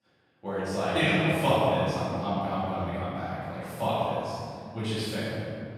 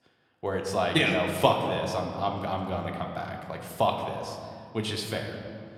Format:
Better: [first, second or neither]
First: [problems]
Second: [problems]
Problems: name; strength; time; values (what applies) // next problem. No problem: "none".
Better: second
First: room echo; strong; dies away in 2.6 s // off-mic speech; far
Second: room echo; slight; dies away in 1.9 s